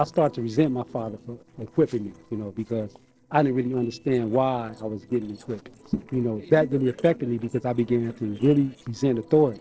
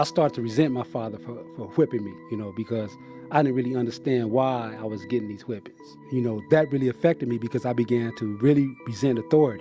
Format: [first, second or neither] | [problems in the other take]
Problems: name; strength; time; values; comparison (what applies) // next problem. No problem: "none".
second | noise reduction (neural separator model SepFormer DNS4)